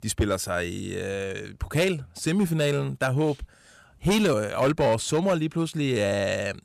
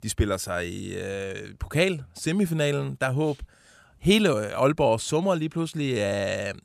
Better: second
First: distortion; slight; 4% of the sound clipped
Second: none

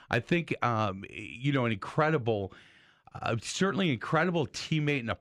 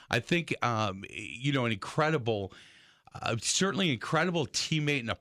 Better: second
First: muffled; slightly; fading above 3 kHz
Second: none

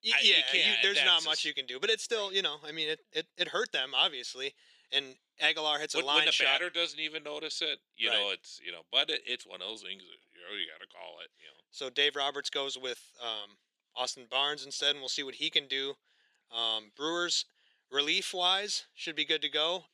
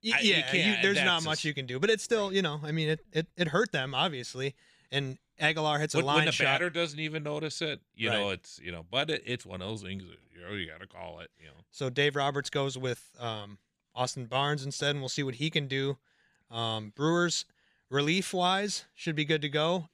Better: second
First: thin; somewhat; fading below 350 Hz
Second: none

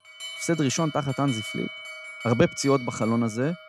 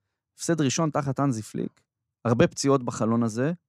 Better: second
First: alarm; noticeable; peak 7 dB below the speech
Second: none

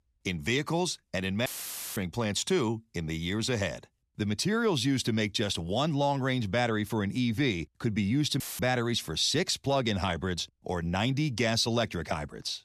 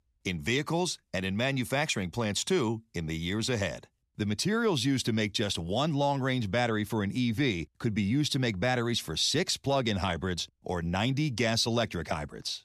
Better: second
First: audio cutting out; filled with static; at 1.5 s for 0.5 s and at 8.5 s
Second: none

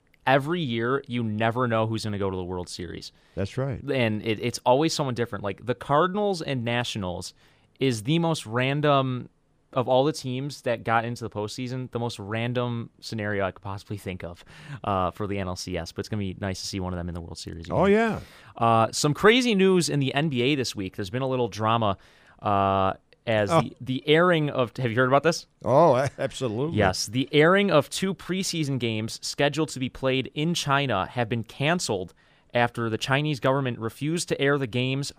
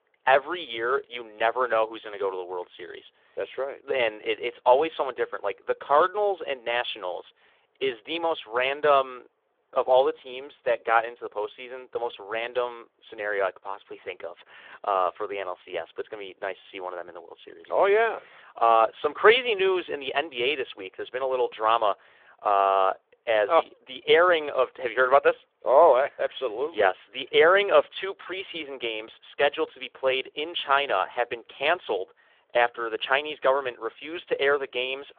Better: first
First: none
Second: phone-call audio; nothing above 3.5 kHz

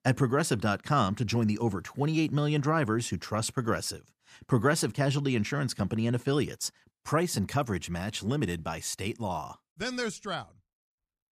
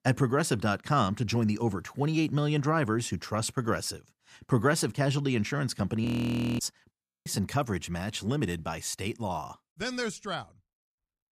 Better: first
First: none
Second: audio freezing; at 6 s for 0.5 s and at 7 s

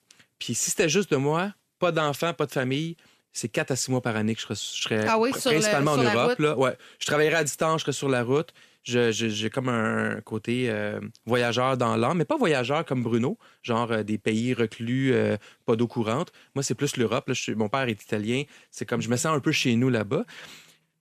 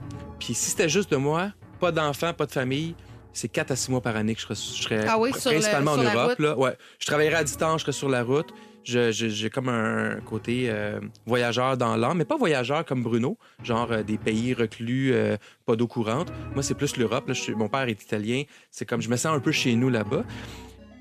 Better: first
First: none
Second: background music; noticeable; throughout; 20 dB below the speech

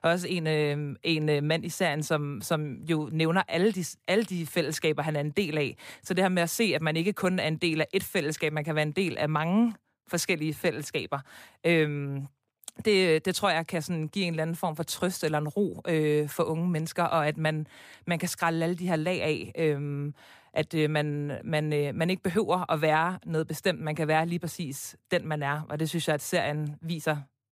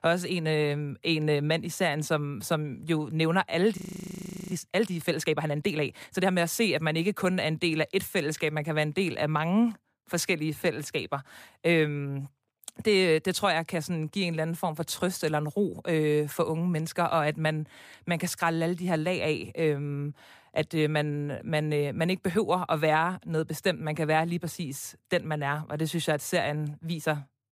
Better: first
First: none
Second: audio freezing; at 4 s for 0.5 s

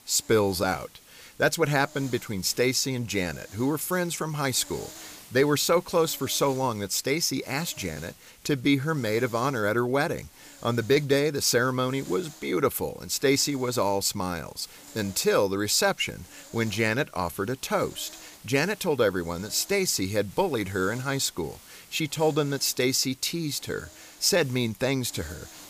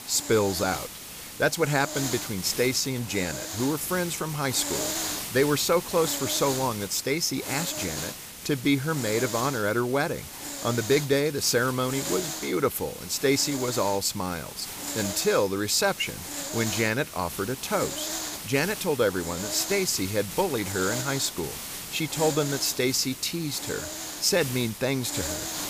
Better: first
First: hiss; faint; throughout; 20 dB below the speech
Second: hiss; loud; throughout; 7 dB below the speech

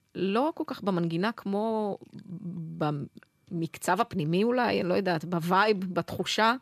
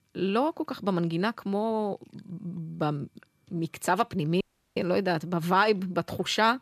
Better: first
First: none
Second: audio cutting out; at 4.5 s

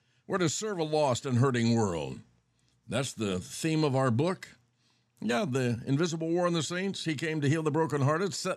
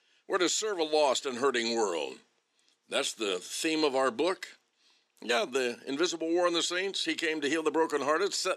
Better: first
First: none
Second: thin; somewhat; fading below 350 Hz

